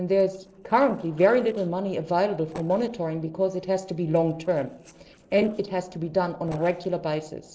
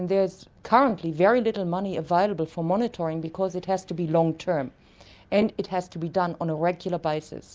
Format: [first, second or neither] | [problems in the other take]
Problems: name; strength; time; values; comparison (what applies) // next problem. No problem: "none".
second | noise reduction (neural separator model SepFormer DNS4)